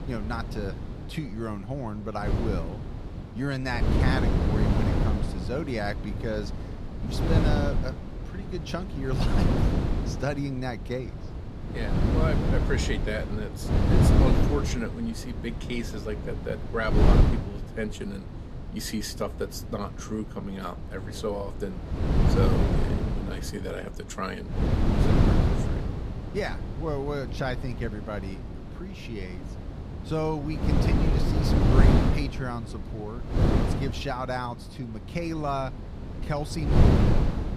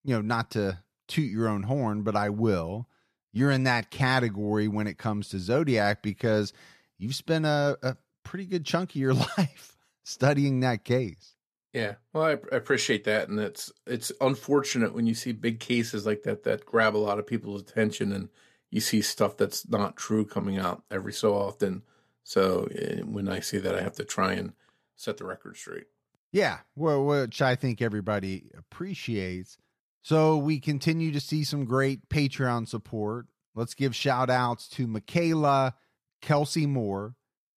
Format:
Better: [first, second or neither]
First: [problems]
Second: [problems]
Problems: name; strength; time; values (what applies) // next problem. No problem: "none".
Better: second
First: wind noise on the microphone; heavy; as loud as the speech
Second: none